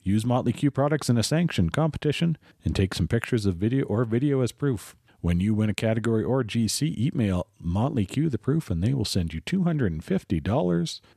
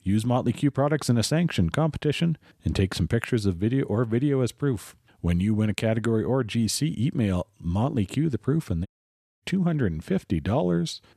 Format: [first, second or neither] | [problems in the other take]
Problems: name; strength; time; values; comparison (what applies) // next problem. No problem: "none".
first | audio cutting out; at 9 s for 0.5 s